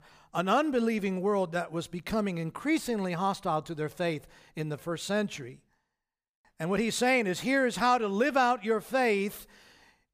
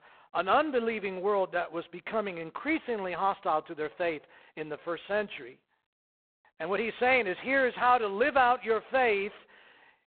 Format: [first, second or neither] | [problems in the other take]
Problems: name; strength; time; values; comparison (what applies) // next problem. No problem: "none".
first | phone-call audio; poor line; nothing above 4 kHz